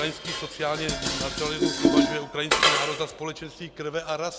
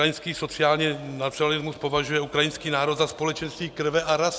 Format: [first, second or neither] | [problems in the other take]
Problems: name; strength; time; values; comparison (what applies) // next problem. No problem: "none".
second | background sound (Dishes, pots, and pans); 4 dB above the speech